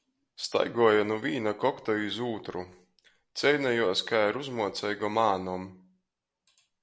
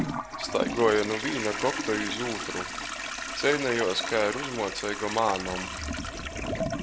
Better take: first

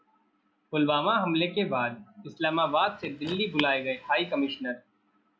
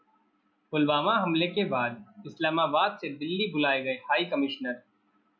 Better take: second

